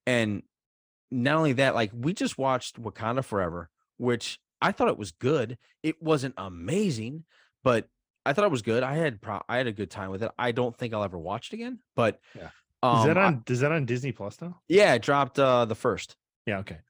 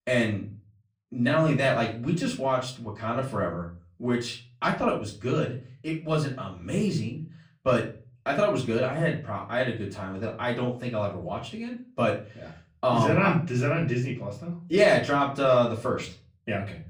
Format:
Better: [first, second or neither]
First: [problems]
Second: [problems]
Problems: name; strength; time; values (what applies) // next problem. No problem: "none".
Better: first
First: none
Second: off-mic speech; far // room echo; slight; dies away in 0.3 s